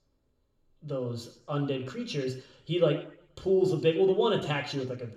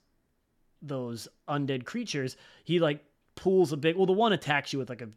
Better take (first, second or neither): second